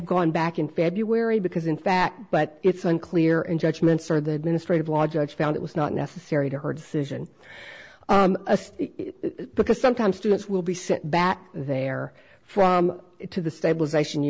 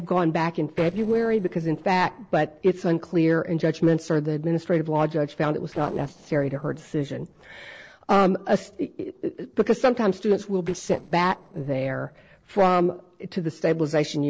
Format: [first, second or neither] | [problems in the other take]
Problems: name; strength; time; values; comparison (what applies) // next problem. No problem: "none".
first | noise reduction (neural separator model SepFormer DNS4)